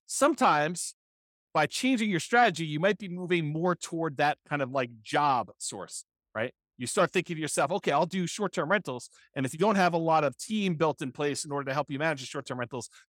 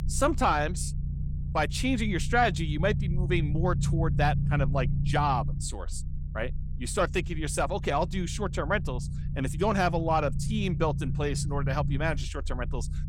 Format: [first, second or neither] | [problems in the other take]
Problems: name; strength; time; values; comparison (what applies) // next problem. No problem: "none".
first | low rumble; noticeable; throughout; 15 dB below the speech